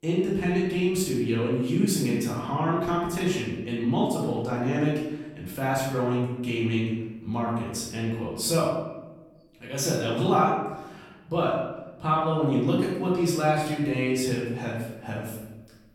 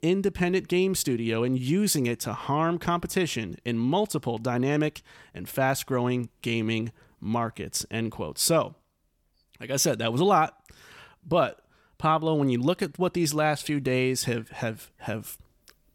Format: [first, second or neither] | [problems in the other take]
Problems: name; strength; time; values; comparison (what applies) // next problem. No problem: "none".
second | room echo; noticeable; dies away in 1 s // off-mic speech; far